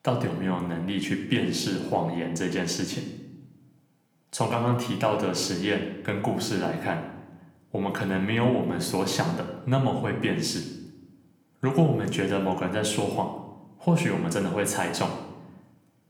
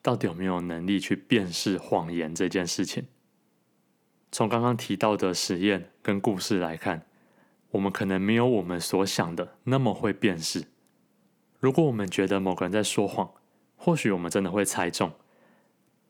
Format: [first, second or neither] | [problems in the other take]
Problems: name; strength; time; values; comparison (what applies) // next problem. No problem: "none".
second | room echo; slight; dies away in 0.8 s // off-mic speech; somewhat distant